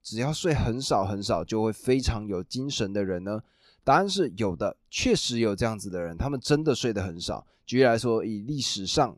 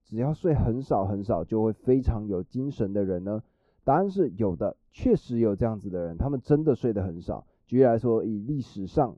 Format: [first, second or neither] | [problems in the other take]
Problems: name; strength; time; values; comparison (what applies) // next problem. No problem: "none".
first | muffled; very; fading above 1.5 kHz